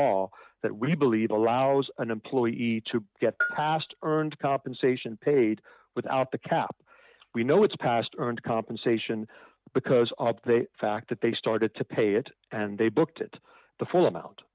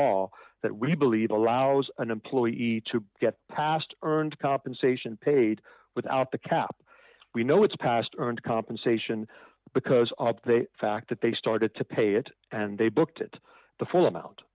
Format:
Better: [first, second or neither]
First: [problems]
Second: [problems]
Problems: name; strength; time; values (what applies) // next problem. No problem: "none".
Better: second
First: noise reduction (neural mask model RNNoise)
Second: none